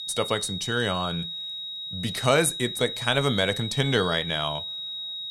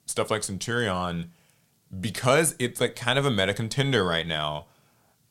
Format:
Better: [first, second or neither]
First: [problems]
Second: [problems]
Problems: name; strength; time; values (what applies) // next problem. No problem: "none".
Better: second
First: high-pitched whine; loud; throughout; 4 kHz, 6 dB below the speech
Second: none